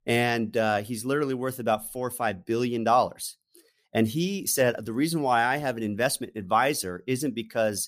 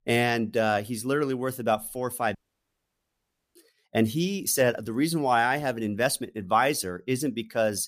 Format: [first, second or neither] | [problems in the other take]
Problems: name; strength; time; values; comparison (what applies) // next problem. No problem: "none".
first | audio cutting out; at 2.5 s for 1 s